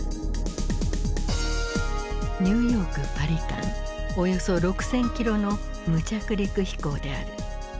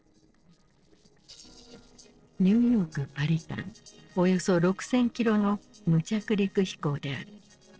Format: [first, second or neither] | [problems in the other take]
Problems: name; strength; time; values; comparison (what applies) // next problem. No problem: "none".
first | noise reduction (neural separator model SepFormer DNS4)